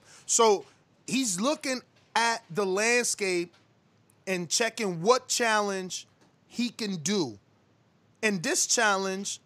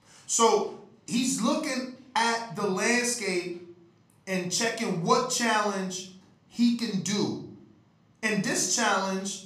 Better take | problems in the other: first | off-mic speech; somewhat distant // room echo; slight; dies away in 0.5 s

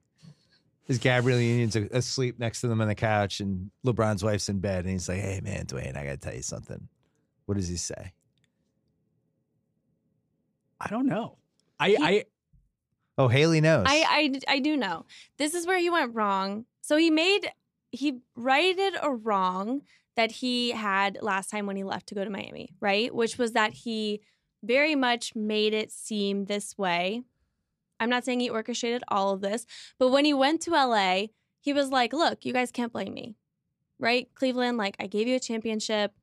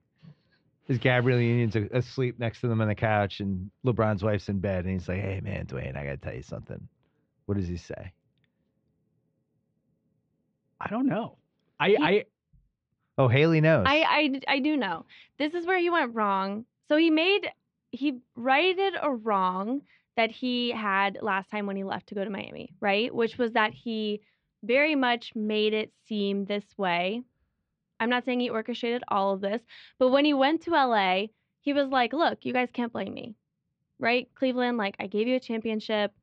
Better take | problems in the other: first | muffled; slightly; fading above 3.5 kHz

